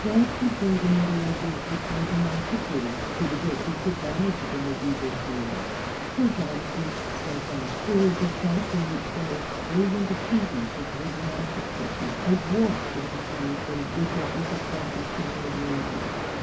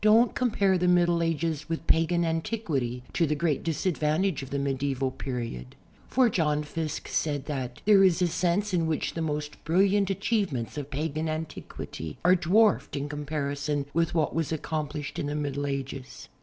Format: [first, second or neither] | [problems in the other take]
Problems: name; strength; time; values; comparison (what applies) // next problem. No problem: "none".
second | background sound (Water); 3 dB below the speech // room echo; dies away in 0.4 s